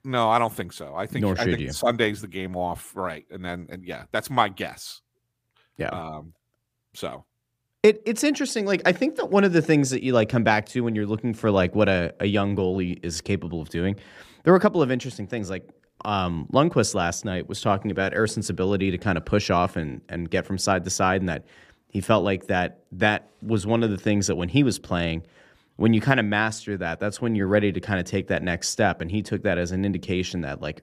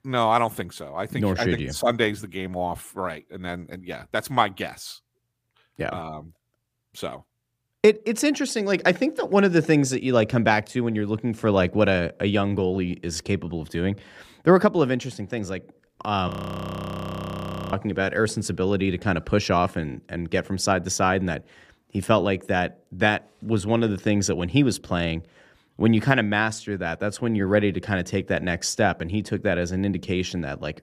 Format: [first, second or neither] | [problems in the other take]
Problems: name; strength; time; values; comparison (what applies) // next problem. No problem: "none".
first | audio freezing; at 16 s for 1.5 s